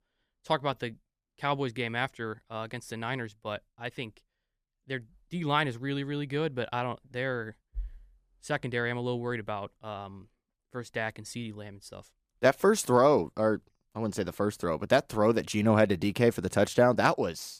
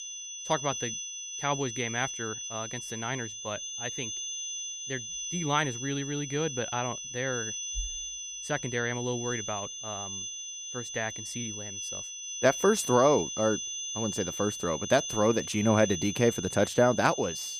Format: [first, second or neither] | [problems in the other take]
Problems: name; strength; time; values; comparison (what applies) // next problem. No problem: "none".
first | high-pitched whine; loud; throughout; 6 kHz, 5 dB below the speech